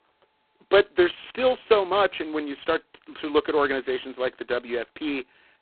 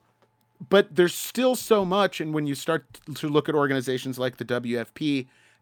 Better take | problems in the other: second | phone-call audio; poor line; nothing above 4 kHz

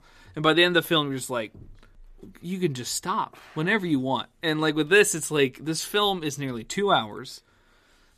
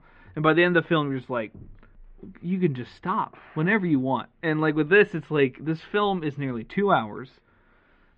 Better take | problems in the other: first | muffled; very; fading above 2.5 kHz

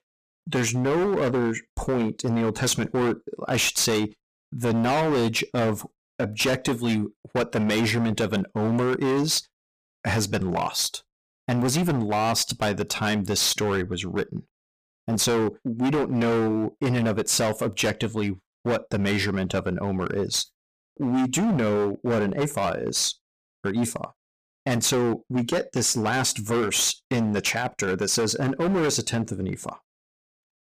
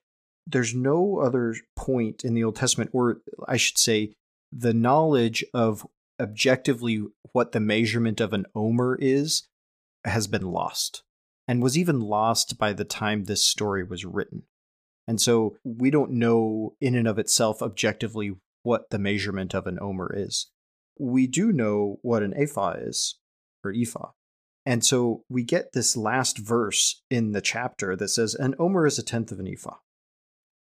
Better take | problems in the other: second | distortion; heavy; 19% of the sound clipped

